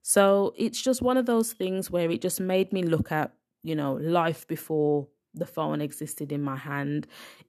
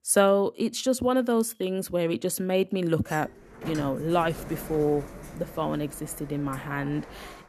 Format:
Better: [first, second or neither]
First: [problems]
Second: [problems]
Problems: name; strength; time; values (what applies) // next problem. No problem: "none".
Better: first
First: none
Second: door banging; faint; from 3 s on; peak 10 dB below the speech